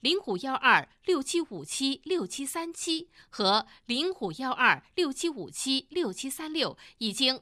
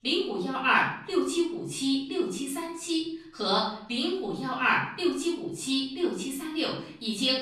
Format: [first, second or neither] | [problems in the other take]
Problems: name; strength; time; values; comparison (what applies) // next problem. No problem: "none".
first | off-mic speech; far // room echo; noticeable; dies away in 0.6 s